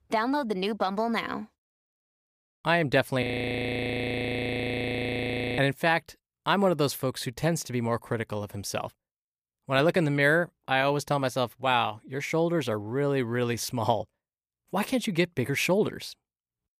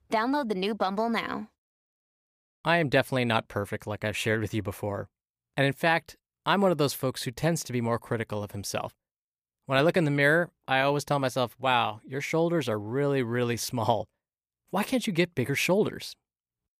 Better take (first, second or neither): second